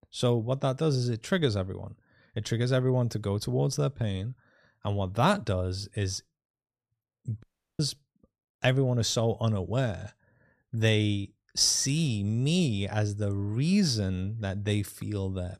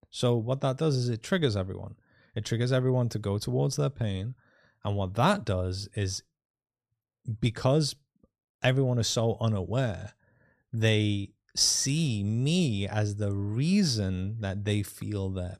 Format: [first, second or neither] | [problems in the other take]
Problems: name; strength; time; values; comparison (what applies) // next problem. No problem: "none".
second | audio cutting out; at 7.5 s